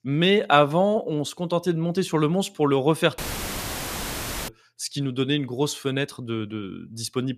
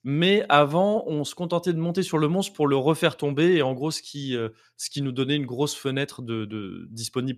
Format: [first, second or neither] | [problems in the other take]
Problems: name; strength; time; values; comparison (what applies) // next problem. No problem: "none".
second | audio cutting out; filled with static; at 3 s for 1.5 s